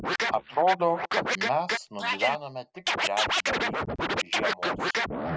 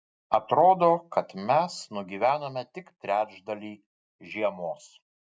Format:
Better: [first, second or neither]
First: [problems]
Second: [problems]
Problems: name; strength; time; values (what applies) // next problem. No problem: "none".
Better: second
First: noise reduction (neural mask model Resemble Enhance denoiser)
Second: none